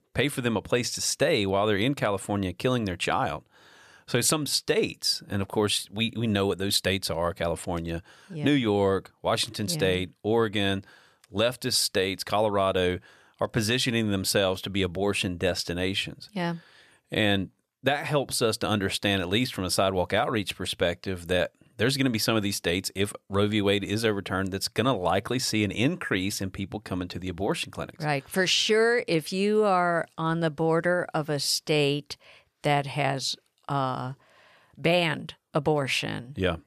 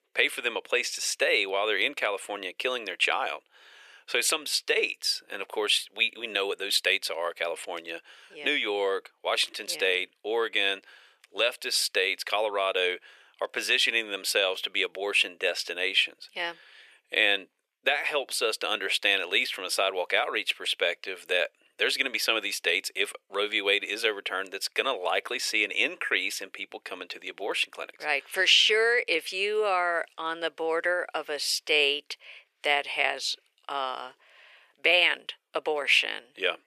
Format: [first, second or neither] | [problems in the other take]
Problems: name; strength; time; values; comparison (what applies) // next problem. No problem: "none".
first | thin; very; fading below 400 Hz